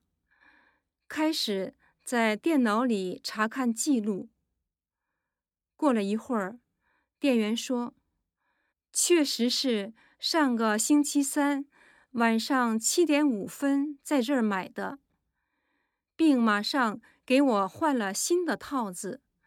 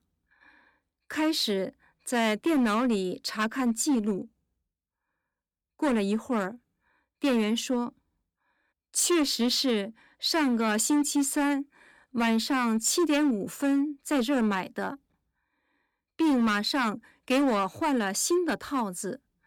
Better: first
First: none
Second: distortion; slight; 8% of the sound clipped

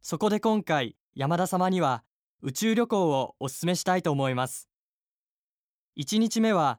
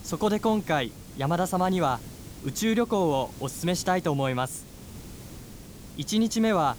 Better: first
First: none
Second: hiss; noticeable; throughout; 15 dB below the speech

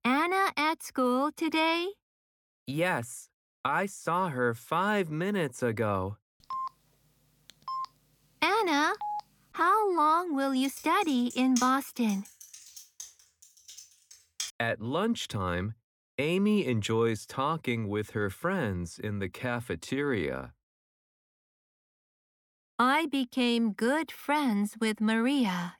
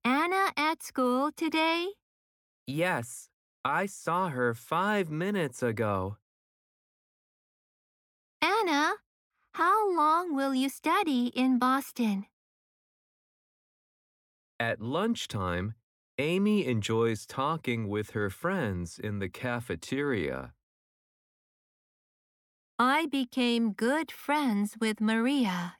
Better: second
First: phone ringing; noticeable; from 6.5 to 9 s; peak 8 dB below the speech // keyboard typing; noticeable; from 11 to 15 s; peak 7 dB below the speech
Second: none

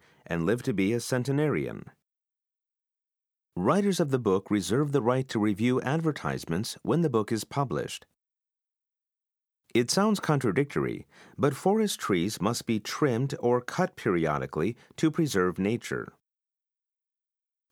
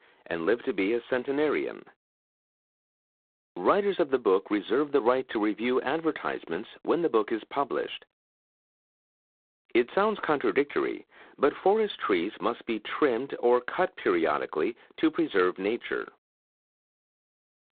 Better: first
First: none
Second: phone-call audio; poor line; nothing above 4 kHz

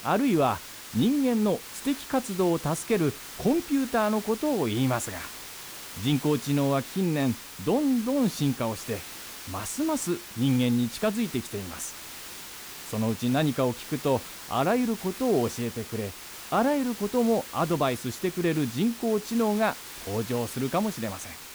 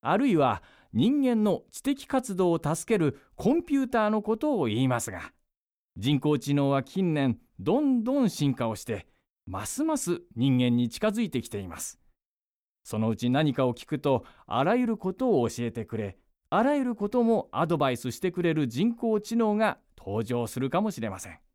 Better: second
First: hiss; noticeable; throughout; 10 dB below the speech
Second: none

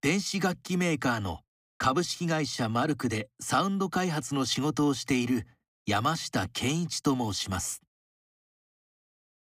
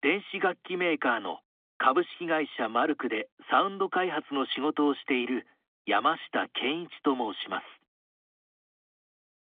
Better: first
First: none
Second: phone-call audio; nothing above 3.5 kHz

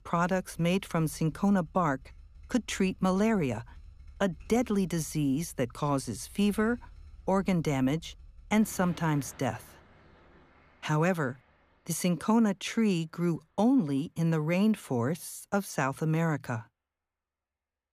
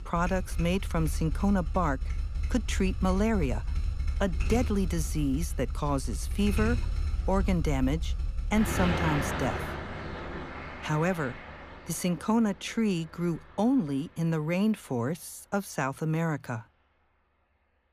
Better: first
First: traffic noise; faint; throughout; 25 dB below the speech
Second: traffic noise; loud; throughout; 4 dB below the speech

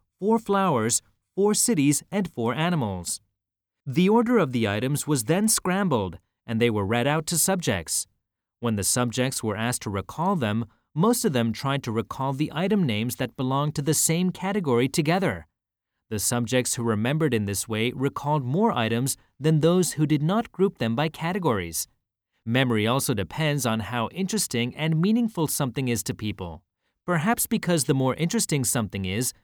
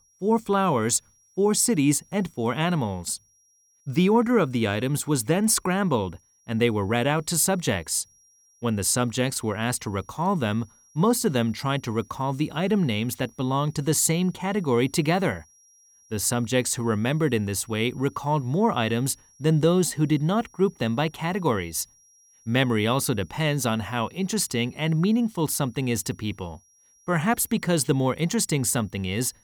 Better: first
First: none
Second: high-pitched whine; faint; throughout; 5.5 kHz, 30 dB below the speech

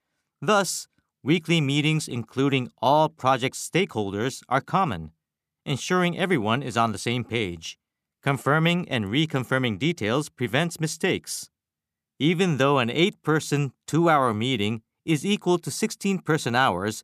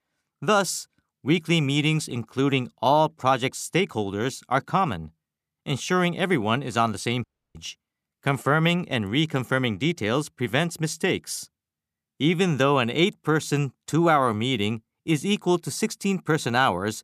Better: first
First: none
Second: audio cutting out; at 7 s

